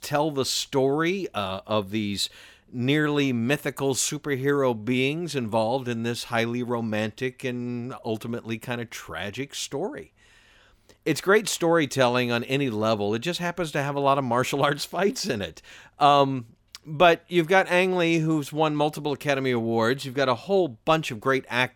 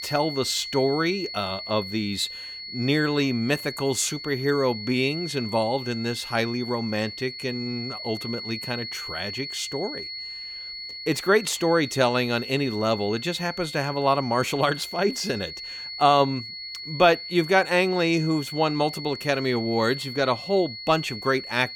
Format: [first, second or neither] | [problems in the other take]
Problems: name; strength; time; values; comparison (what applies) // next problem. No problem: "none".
first | high-pitched whine; loud; throughout; 4.5 kHz, 9 dB below the speech